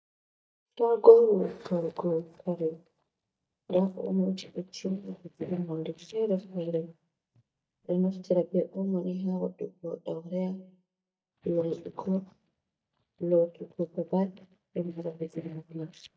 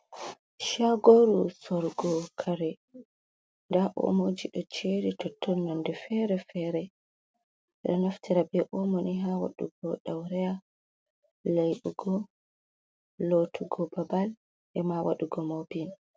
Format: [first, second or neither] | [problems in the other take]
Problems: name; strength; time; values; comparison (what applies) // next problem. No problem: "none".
second | noise reduction (neural mask model DeepFilterNet 3)